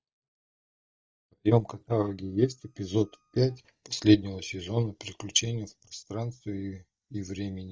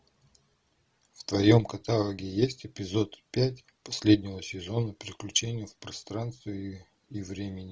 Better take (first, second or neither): second